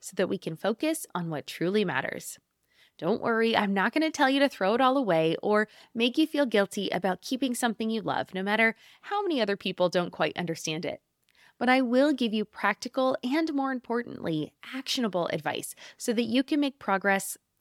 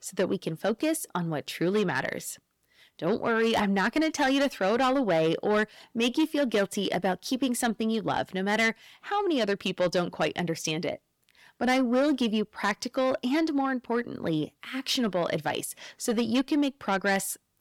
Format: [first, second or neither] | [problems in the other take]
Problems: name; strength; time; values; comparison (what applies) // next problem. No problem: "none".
first | distortion; slight; 10 dB below the speech